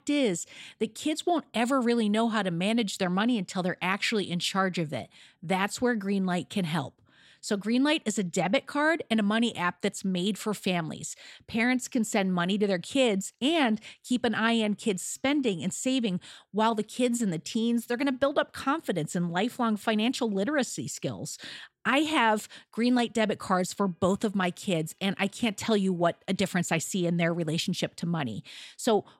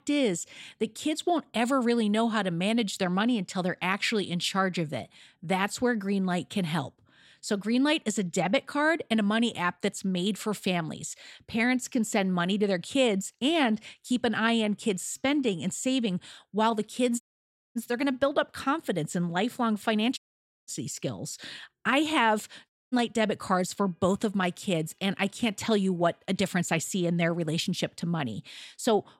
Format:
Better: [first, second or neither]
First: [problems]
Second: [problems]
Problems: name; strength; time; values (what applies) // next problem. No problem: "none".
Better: first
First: none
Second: audio cutting out; at 17 s for 0.5 s, at 20 s and at 23 s